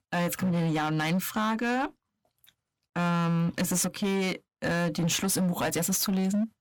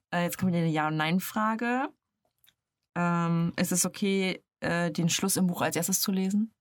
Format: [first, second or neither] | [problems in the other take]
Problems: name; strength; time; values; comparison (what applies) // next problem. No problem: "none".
second | distortion; slight; 19% of the sound clipped